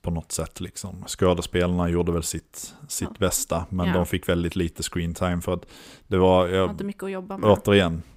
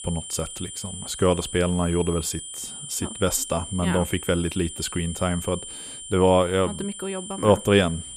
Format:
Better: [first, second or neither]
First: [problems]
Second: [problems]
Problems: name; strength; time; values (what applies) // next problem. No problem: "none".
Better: first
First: none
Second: high-pitched whine; noticeable; throughout; 9 kHz, 10 dB below the speech